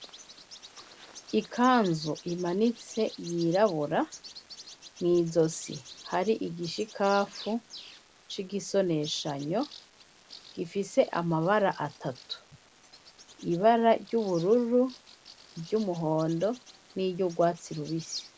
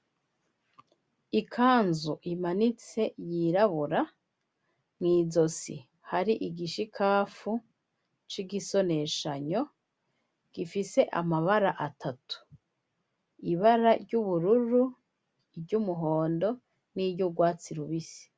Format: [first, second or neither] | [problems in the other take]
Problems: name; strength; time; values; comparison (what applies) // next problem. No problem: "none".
second | background sound (Bird vocalization, bird call, bird song); 20 dB below the speech